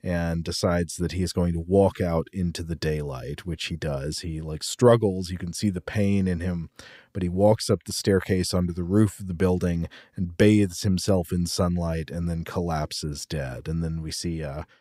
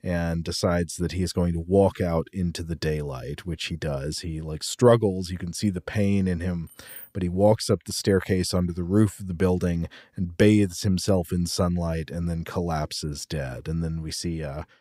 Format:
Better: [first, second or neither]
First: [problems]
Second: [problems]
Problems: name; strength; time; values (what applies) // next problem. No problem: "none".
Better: first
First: none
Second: jangling keys; faint; at 6.5 s; peak 15 dB below the speech